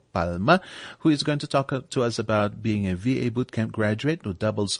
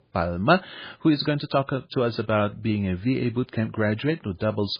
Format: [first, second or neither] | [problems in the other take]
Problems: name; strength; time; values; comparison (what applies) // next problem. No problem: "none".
first | garbled, watery; badly; nothing above 4 kHz; slightly in the first